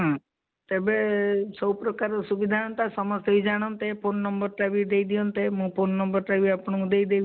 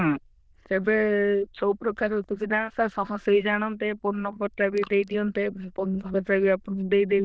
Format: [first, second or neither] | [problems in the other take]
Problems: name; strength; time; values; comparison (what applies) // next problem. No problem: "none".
first | noise reduction (neural diffusion model UNIVERSE++)